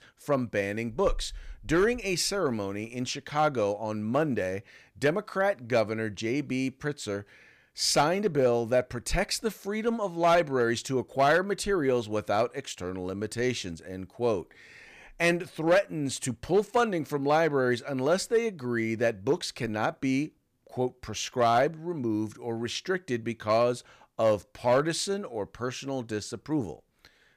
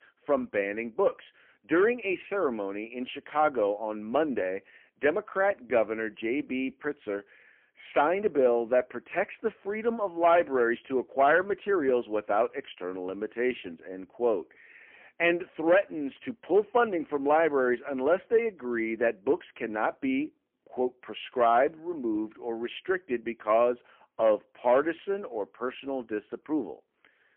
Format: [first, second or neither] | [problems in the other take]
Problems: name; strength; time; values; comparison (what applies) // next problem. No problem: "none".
first | phone-call audio; poor line; nothing above 3 kHz